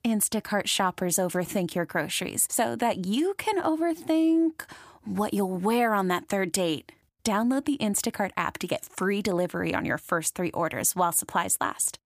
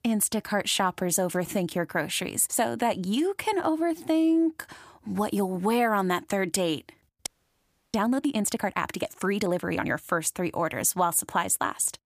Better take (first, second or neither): first